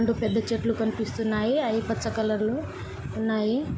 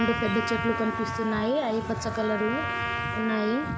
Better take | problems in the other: first | background sound (Trumpet); 4 dB below the speech

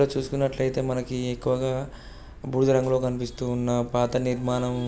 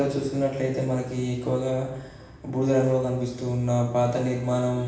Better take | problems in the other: first | room echo; dies away in 0.9 s

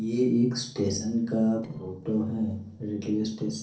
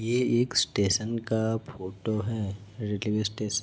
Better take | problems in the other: second | noise reduction (neural separator model SepFormer DNS4)

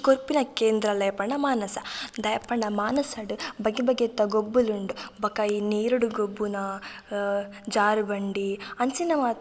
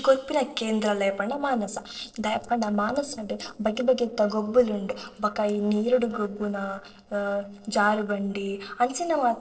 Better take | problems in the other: first | noise reduction (neural separator model SepFormer DNS4)

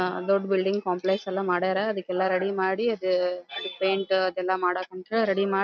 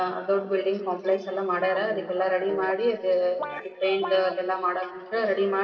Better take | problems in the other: first | noise reduction (neural separator model SepFormer DNS4)

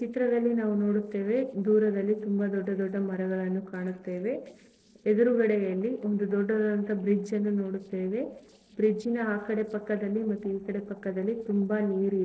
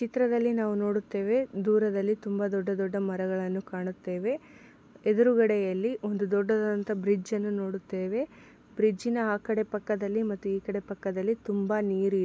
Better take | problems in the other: second | noise reduction (neural separator model SepFormer DNS4)

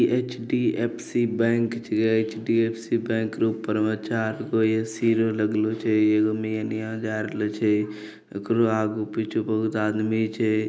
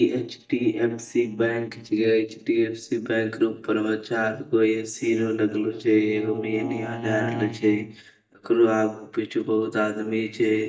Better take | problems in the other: first | noise reduction (neural mask model DeepFilterNet 3)

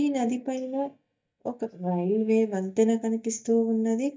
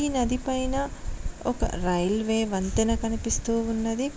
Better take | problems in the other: second | noise reduction (neural mask model DeepFilterNet 3)

